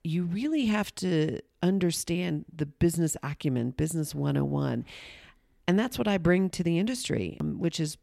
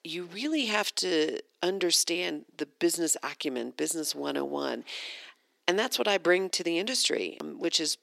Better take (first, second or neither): first